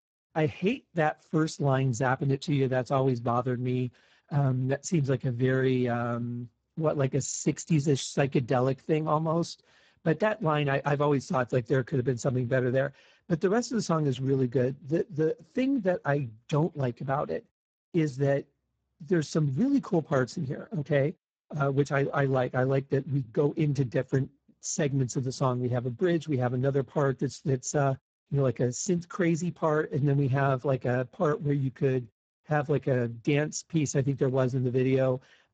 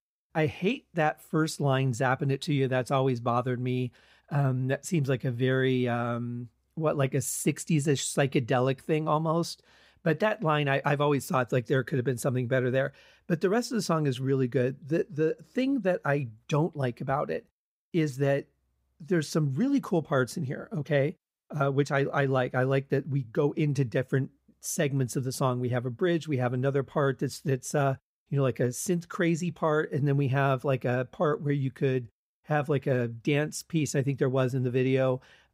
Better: second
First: garbled, watery; badly; nothing above 7.5 kHz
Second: none

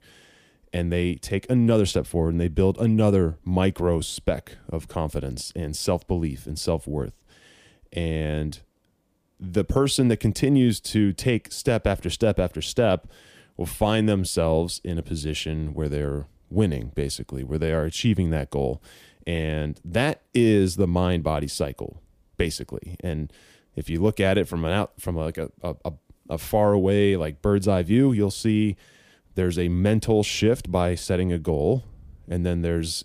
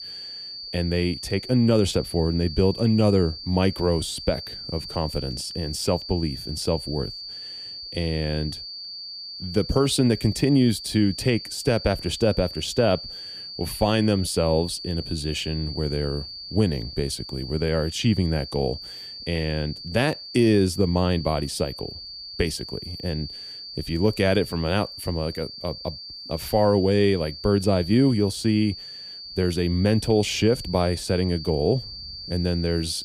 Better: first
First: none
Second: high-pitched whine; noticeable; throughout; 4.5 kHz, 10 dB below the speech

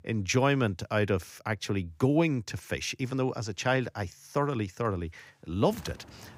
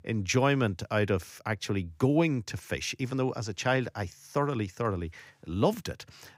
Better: second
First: footsteps; faint; at 5.5 s; peak 15 dB below the speech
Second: none

